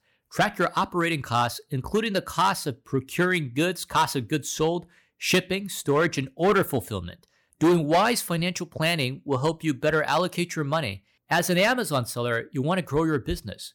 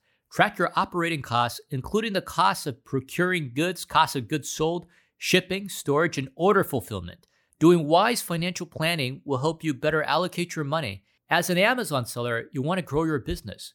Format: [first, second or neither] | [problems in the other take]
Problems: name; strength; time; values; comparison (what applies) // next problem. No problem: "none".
second | distortion; slight; 3% of the sound clipped